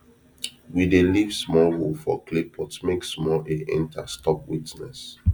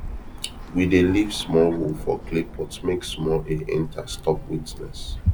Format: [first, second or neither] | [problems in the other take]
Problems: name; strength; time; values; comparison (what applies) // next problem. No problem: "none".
first | background sound (Bird); 11 dB below the speech